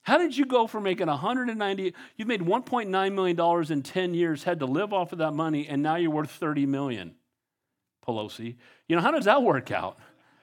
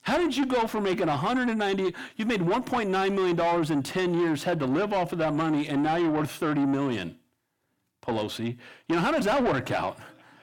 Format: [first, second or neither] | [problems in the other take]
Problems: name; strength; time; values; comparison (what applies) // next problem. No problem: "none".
first | distortion; heavy; 7 dB below the speech